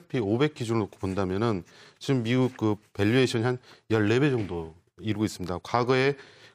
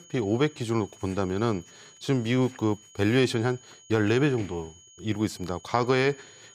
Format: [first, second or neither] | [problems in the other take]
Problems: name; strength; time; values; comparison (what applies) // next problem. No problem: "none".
first | high-pitched whine; faint; throughout; 6.5 kHz, 25 dB below the speech